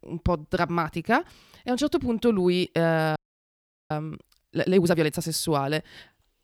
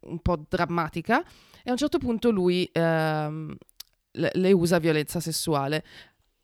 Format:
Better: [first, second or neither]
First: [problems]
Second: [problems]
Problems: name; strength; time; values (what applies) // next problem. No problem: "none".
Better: second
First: audio freezing; at 3 s for 0.5 s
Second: none